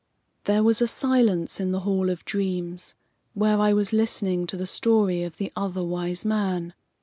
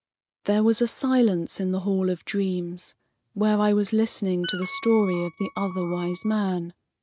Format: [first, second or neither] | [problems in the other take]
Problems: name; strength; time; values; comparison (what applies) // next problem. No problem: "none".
first | noise reduction (neural mask model RNNoise)